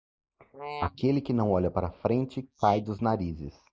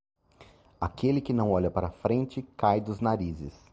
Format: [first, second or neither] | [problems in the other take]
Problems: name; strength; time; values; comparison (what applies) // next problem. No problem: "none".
second | noise reduction (neural mask model Resemble Enhance denoiser)